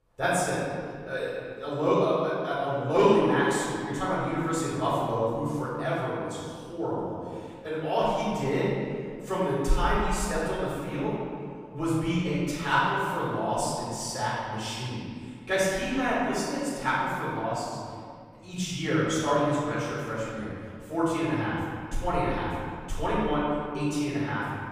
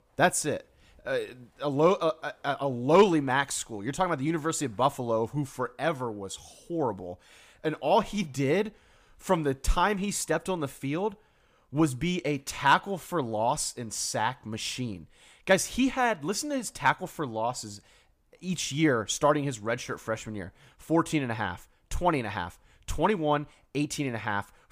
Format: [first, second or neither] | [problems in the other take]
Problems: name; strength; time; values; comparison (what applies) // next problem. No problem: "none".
second | room echo; strong; dies away in 2 s // off-mic speech; far